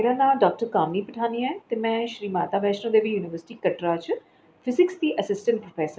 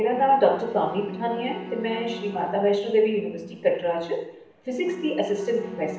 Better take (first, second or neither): first